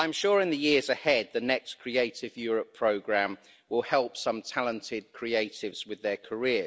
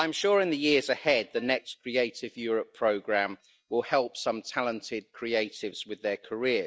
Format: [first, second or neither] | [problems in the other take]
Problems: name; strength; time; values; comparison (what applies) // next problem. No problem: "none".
first | noise reduction (neural mask model DeepFilterNet 3)